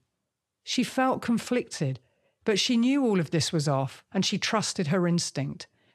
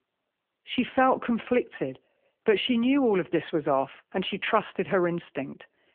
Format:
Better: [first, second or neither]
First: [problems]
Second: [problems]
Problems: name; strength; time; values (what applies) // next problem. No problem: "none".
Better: first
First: none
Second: phone-call audio